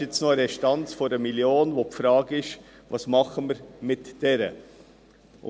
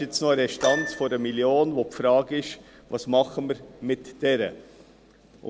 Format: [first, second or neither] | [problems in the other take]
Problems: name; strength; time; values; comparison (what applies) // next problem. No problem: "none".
first | background sound (Keyboard (musical)); 12 dB below the speech